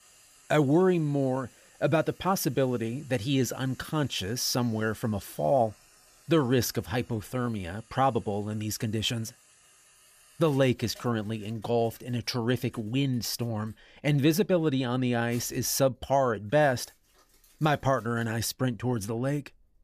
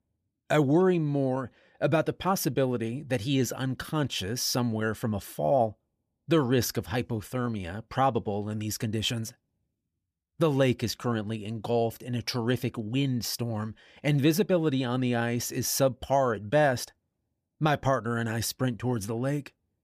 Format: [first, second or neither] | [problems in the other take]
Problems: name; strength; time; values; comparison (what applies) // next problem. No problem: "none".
second | household noises; faint; throughout; 30 dB below the speech